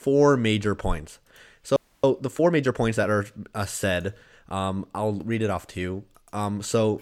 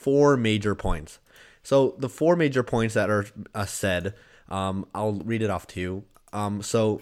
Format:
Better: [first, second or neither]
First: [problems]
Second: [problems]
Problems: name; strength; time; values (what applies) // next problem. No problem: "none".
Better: second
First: audio freezing; at 2 s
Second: none